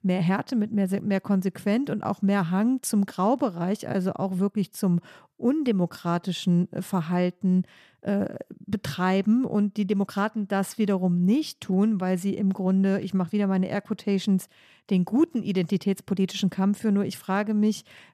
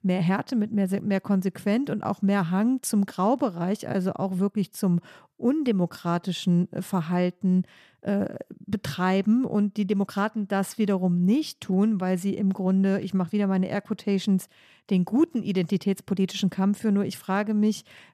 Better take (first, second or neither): neither